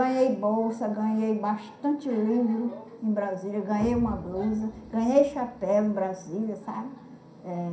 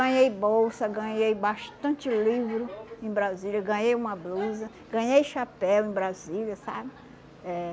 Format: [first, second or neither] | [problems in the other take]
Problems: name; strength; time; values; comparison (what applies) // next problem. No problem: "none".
second | background sound (Explosion); 17 dB below the speech // room echo; dies away in 0.5 s